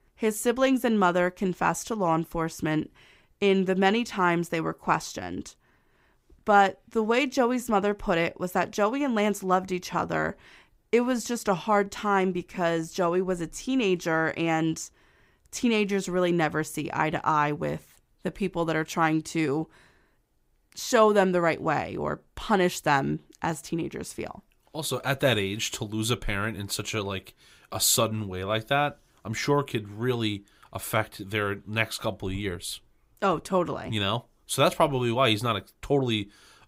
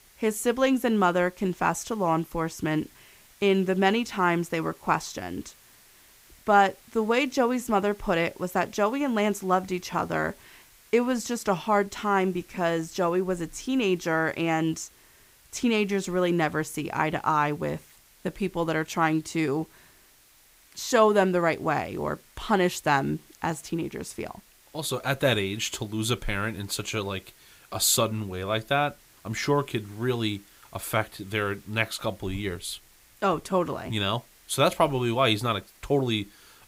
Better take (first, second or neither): first